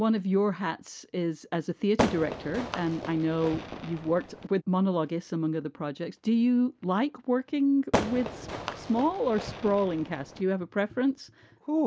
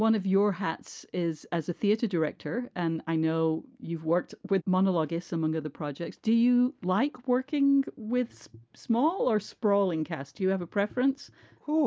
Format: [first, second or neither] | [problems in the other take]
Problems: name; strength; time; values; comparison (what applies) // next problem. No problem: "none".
second | background sound (Fireworks); 6 dB below the speech